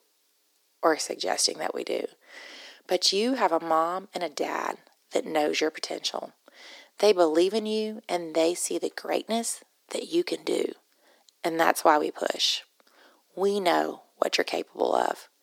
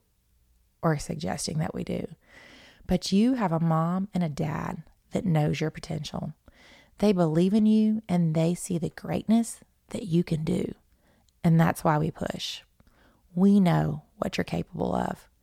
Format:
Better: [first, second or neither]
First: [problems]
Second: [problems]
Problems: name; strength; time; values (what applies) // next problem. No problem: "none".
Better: second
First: thin; very; fading below 300 Hz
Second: none